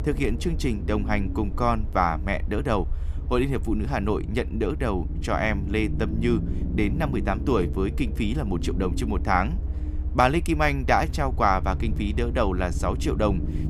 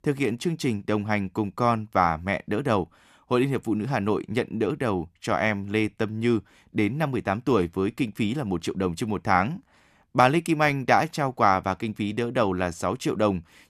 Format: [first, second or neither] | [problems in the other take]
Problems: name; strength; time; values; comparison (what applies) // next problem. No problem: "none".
second | low rumble; noticeable; throughout; 15 dB below the speech